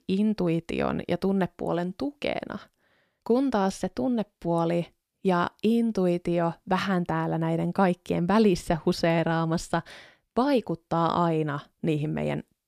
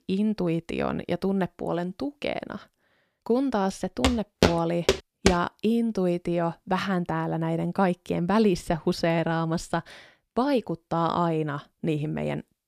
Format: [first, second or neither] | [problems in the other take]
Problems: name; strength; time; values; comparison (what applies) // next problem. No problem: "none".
first | footsteps; loud; from 4 to 5.5 s; peak 2 dB above the speech